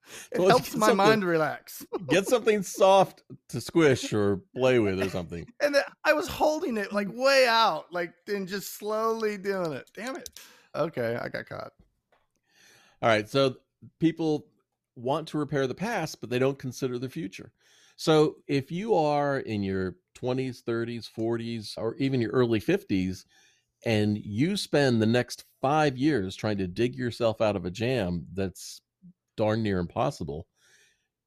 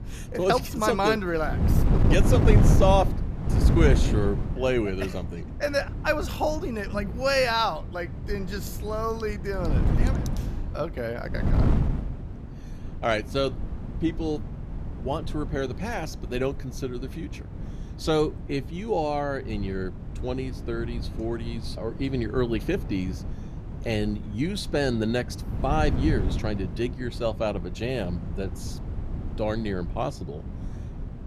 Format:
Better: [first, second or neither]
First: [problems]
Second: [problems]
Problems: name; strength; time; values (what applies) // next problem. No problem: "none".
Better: first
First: none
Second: wind noise on the microphone; occasional gusts; 10 dB below the speech